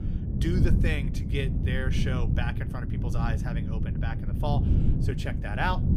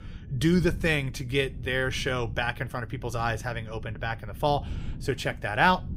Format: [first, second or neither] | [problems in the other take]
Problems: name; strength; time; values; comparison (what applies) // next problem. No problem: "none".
second | wind noise on the microphone; heavy; 5 dB below the speech; occasional gusts in the second